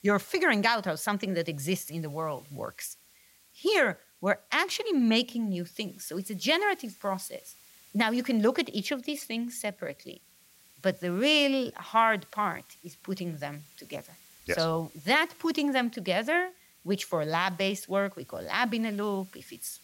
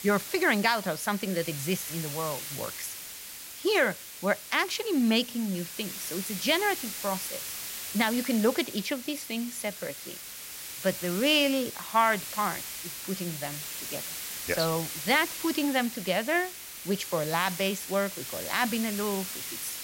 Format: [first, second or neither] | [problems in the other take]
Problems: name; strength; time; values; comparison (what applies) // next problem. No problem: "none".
first | hiss; loud; throughout; 7 dB below the speech; faint in the first